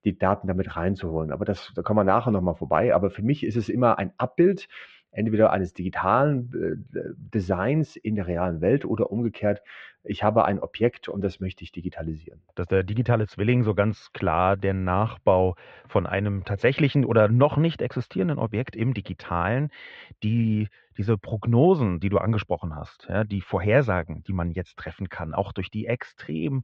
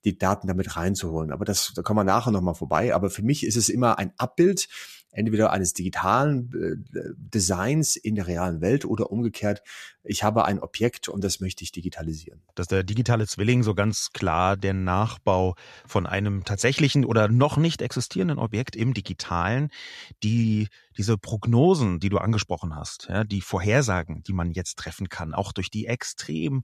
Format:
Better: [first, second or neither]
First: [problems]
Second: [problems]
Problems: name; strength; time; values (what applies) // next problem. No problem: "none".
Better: second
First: muffled; very; fading above 3 kHz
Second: none